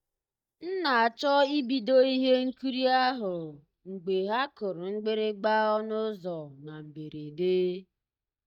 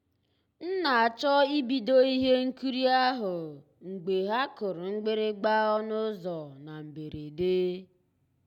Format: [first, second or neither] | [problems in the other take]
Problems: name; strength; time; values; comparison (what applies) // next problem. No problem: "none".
second | noise reduction (neural mask model DeepFilterNet 3)